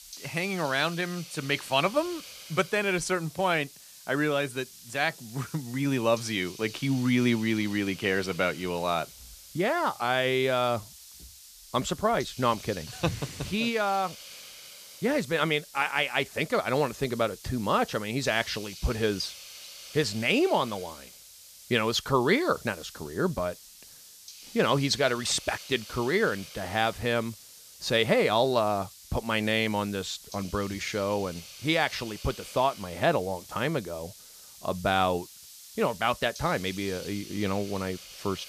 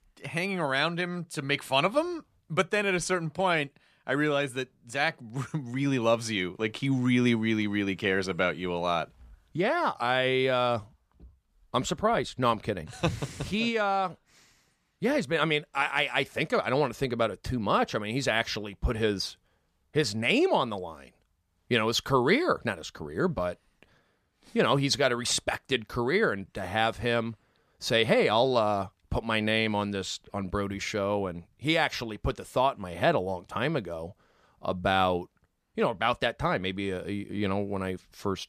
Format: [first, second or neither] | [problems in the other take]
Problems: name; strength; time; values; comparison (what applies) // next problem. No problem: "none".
second | hiss; noticeable; throughout; 15 dB below the speech